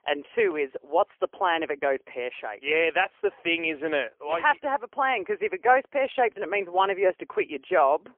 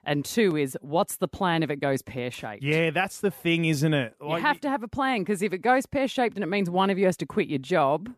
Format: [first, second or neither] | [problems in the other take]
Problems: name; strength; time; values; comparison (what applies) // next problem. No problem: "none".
second | phone-call audio; poor line; nothing above 3 kHz